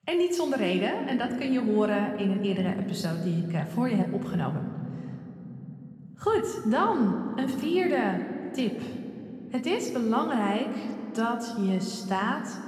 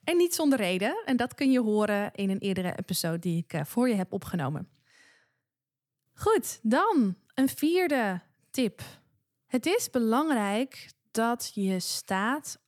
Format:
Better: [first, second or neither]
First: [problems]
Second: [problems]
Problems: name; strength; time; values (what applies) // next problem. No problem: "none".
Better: second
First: room echo; slight; dies away in 3 s // off-mic speech; somewhat distant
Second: none